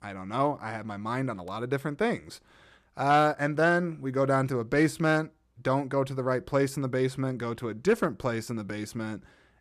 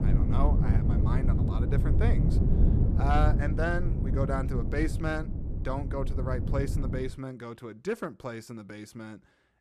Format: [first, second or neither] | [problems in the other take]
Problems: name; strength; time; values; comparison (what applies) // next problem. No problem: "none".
first | wind noise on the microphone; heavy; until 7 s; 5 dB below the speech